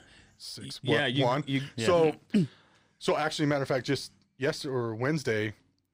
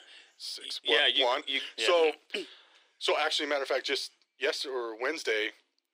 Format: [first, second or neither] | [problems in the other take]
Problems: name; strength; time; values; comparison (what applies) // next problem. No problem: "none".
first | thin; very; fading below 350 Hz